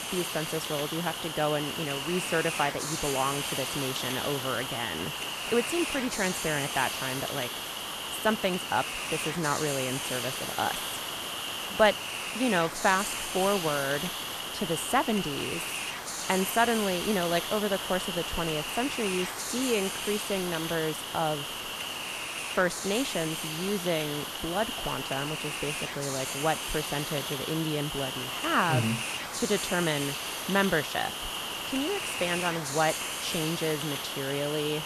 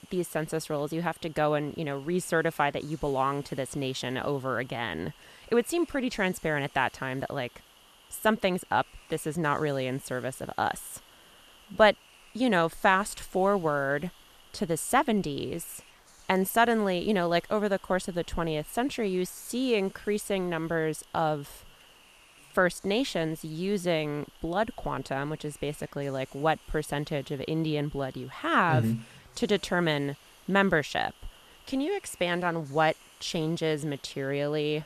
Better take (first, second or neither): second